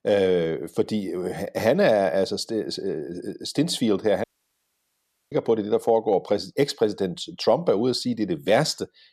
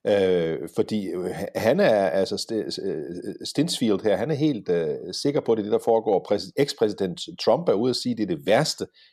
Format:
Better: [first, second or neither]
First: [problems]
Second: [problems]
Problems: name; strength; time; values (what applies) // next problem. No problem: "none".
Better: second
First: audio cutting out; at 4 s for 1 s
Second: none